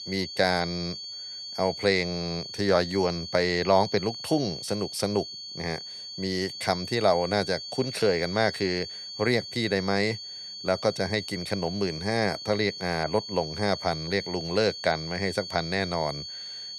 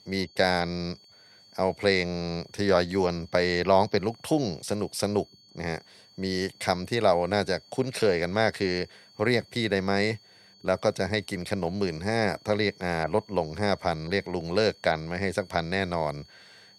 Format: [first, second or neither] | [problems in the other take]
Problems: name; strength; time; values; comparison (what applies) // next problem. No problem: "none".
second | high-pitched whine; loud; throughout; 4.5 kHz, 8 dB below the speech; faint in the second